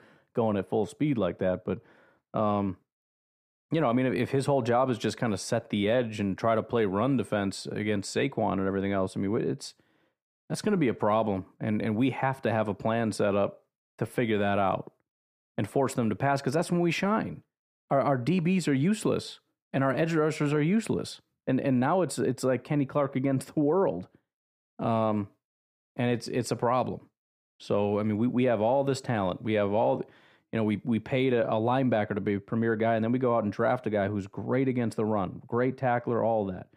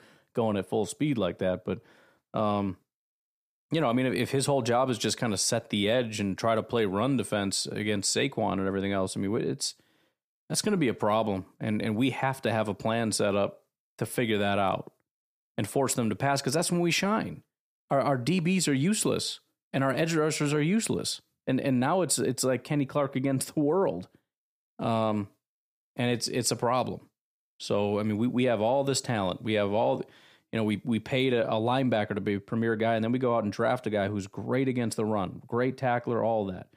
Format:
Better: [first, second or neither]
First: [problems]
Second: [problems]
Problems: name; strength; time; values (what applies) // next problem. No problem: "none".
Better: second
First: muffled; slightly; fading above 3 kHz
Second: none